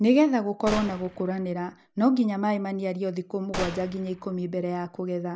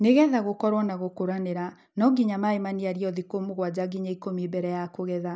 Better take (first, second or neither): second